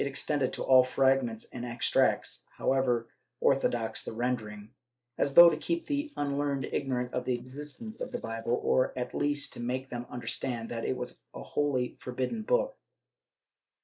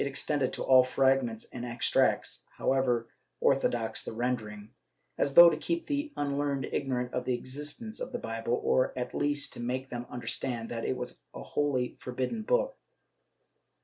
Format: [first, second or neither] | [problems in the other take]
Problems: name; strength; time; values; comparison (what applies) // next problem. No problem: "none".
second | noise reduction (neural mask model Resemble Enhance denoiser)